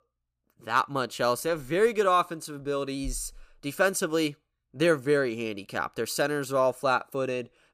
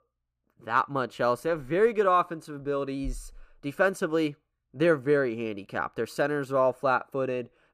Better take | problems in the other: first | muffled; slightly; fading above 3 kHz

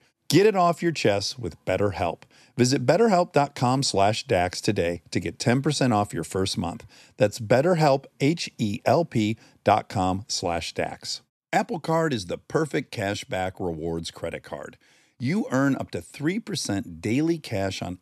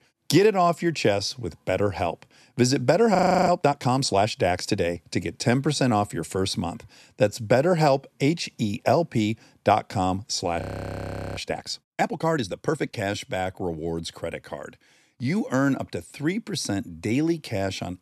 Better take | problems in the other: first | audio freezing; at 3 s and at 11 s for 1 s

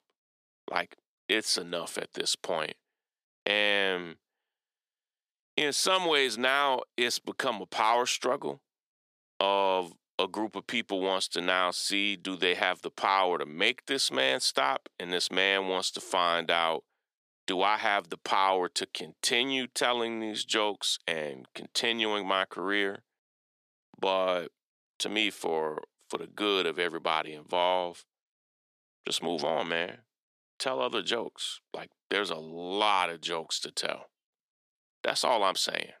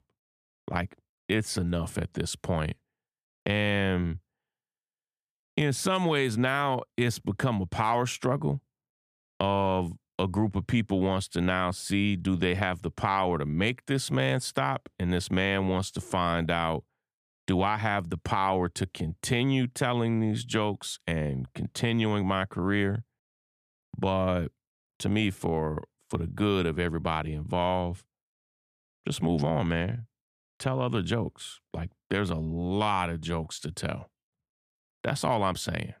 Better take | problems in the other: second | thin; somewhat; fading below 350 Hz

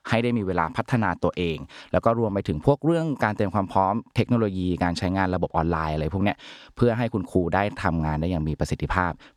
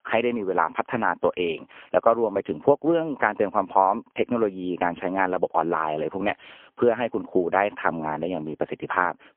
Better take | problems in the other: first | phone-call audio; poor line; nothing above 3 kHz

